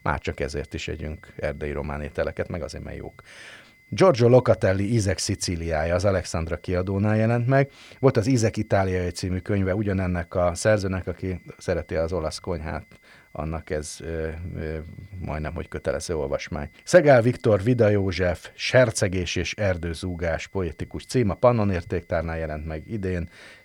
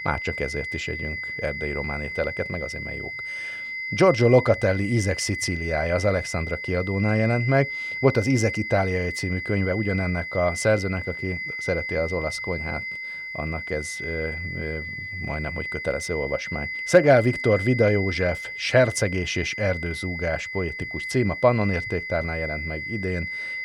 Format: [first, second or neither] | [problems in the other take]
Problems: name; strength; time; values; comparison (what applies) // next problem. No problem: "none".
first | high-pitched whine; loud; throughout; 2 kHz, 6 dB below the speech; faint in the first